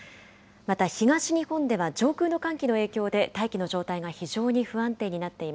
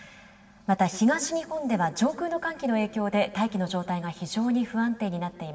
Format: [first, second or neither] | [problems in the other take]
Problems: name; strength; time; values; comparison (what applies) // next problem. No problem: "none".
first | room echo; dies away in 2.4 s